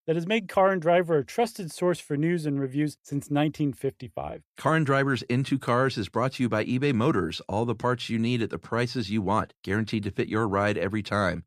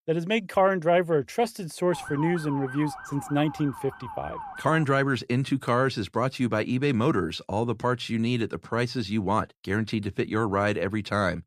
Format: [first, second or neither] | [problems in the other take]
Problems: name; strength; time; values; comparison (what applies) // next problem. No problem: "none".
first | siren; noticeable; from 2 to 5 s; peak 9 dB below the speech